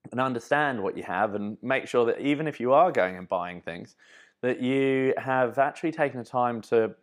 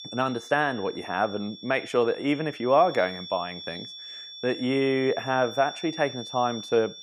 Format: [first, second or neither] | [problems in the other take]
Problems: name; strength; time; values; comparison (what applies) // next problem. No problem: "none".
first | high-pitched whine; noticeable; throughout; 3.5 kHz, 15 dB below the speech